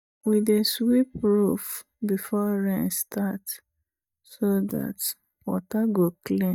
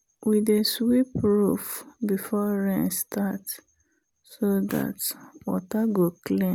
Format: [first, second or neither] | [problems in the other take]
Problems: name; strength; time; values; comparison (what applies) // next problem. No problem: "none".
second | noise reduction (neural mask model DeepFilterNet 3)